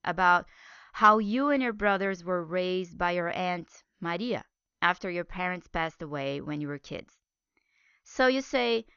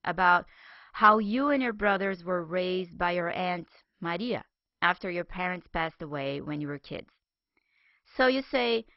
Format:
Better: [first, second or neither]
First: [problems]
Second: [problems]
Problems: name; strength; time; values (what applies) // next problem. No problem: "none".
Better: first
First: garbled, watery; slightly; nothing above 6.5 kHz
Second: garbled, watery; badly; nothing above 5.5 kHz